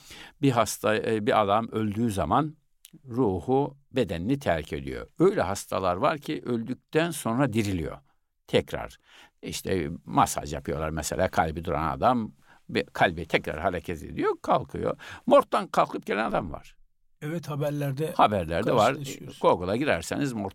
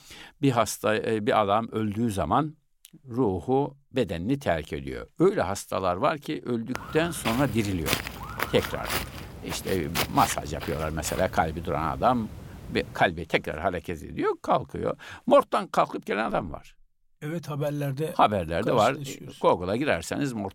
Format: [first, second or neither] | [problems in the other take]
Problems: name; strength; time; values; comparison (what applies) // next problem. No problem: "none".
first | footsteps; noticeable; from 7 to 13 s; peak 1 dB below the speech